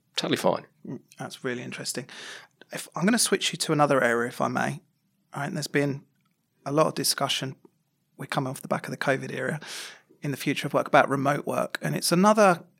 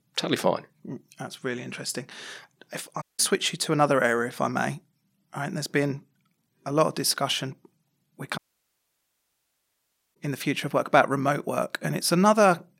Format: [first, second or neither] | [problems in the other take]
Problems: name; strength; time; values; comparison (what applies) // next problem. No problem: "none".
first | audio cutting out; at 3 s and at 8.5 s for 2 s